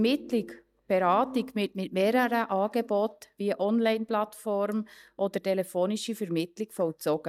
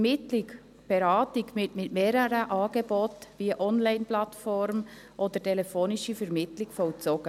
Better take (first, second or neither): second